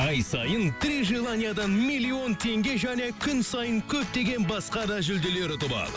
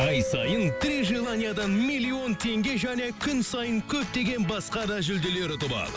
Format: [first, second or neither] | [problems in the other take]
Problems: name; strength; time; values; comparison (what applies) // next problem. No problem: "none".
first | background sound (Mallet percussion); 10 dB below the speech